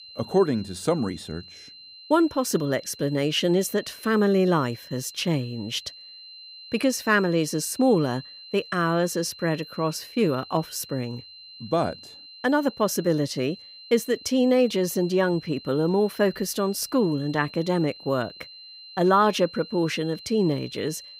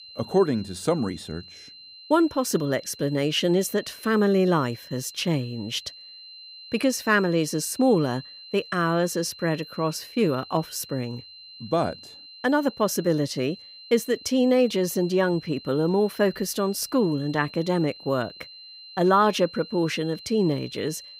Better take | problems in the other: neither | high-pitched whine; noticeable; throughout; 4 kHz, 20 dB below the speech; the same in both

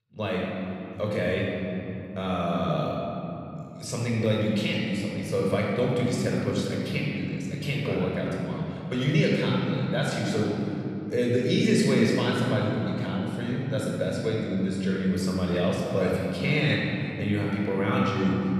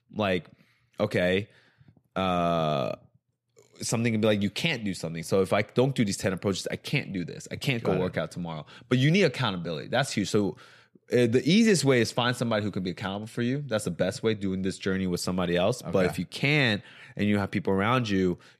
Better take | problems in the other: second | off-mic speech; far // room echo; strong; dies away in 3 s

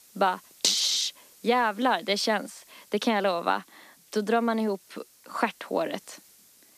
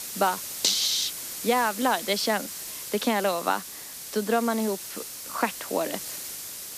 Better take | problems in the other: first | hiss; loud; throughout; 8 dB below the speech; faint in the first

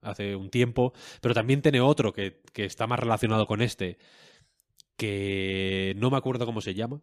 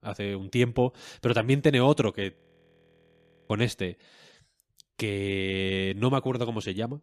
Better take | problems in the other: first | audio freezing; at 2.5 s for 1 s

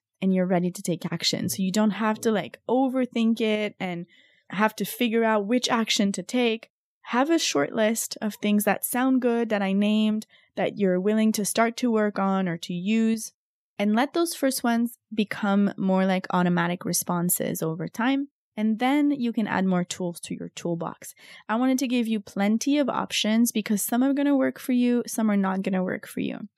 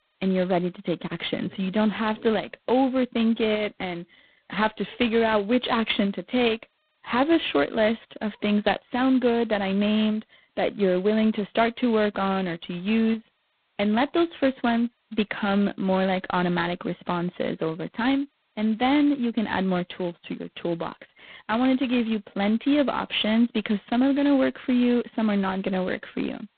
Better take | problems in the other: first | phone-call audio; poor line; nothing above 4 kHz

